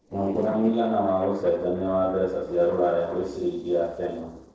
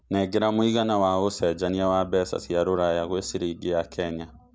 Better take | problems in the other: second | noise reduction (neural separator model SepFormer DNS4)

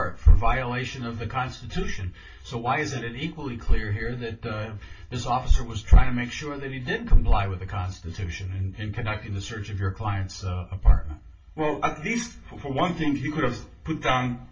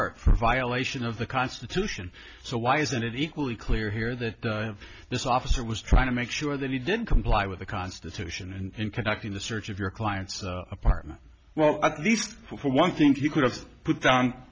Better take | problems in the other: second | room echo; dies away in 0.2 s

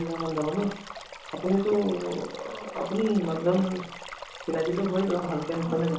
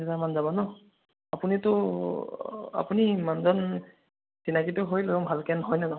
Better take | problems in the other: second | background sound (Stream); 13 dB below the speech // room echo; dies away in 0.6 s

